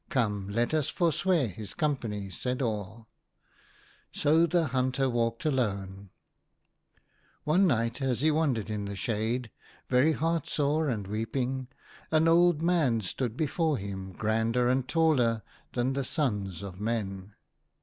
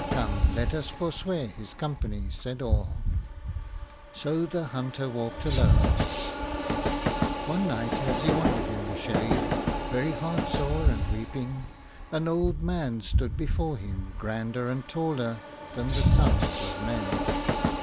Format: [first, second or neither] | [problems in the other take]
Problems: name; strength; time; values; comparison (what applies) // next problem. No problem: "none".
first | background sound (Train); 4 dB above the speech